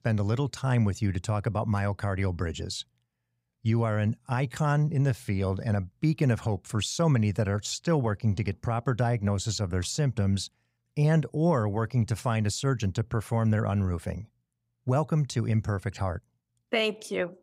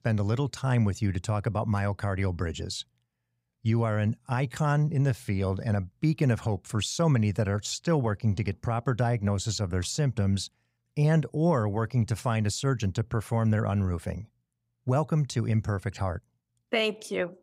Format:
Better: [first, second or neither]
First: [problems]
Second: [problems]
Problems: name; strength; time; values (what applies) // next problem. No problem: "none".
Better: neither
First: none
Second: none